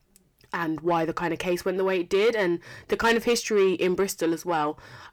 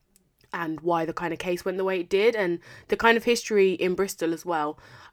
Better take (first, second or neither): second